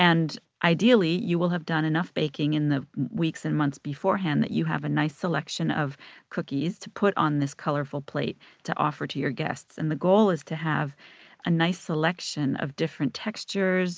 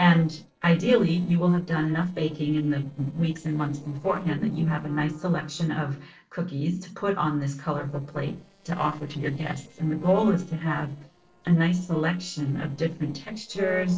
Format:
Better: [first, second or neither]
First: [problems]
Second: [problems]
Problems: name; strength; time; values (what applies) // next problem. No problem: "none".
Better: first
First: none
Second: noise reduction (neural separator model SepFormer DNS4)